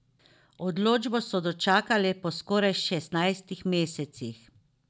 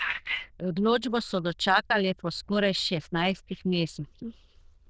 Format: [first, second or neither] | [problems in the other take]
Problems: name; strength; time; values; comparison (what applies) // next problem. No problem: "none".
first | noise reduction (neural diffusion model UNIVERSE++)